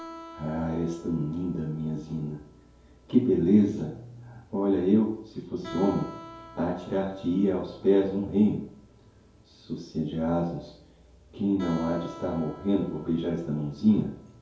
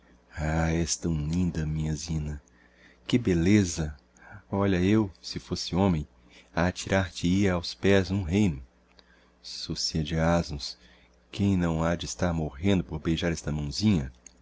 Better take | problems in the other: second | background sound (Guitar); 20 dB below the speech // room echo; dies away in 2.4 s

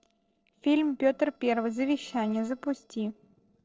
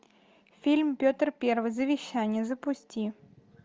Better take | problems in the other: second | noise reduction (neural separator model SepFormer DNS4)

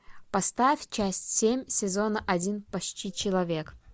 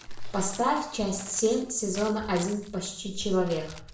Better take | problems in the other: first | background sound (Crumpling, crinkling); 20 dB below the speech // room echo; dies away in 0.5 s

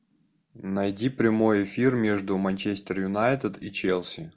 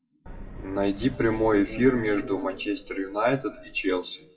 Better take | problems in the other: first | noise reduction (classical method WPE with log-MMSE)

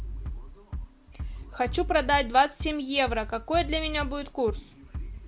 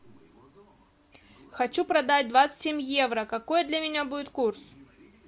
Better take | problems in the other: second | background sound (Bass drum); 8 dB below the speech

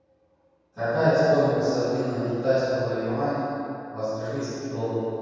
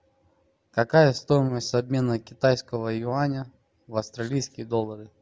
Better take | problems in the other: second | room echo; dies away in 2.2 s

